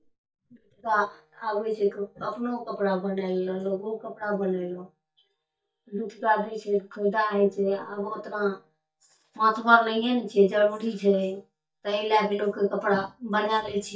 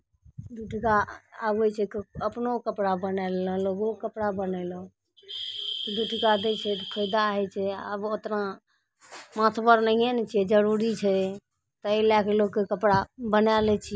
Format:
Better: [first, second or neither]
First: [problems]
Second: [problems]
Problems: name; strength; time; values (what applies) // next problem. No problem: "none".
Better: second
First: noise reduction (neural mask model DeepFilterNet 3)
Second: none